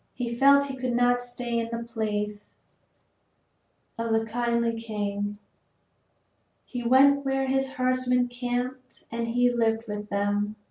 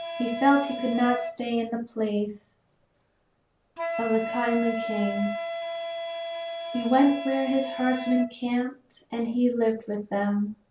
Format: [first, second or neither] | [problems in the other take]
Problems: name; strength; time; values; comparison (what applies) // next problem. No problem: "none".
first | background sound (Wind instrument, woodwind instrument); 8 dB below the speech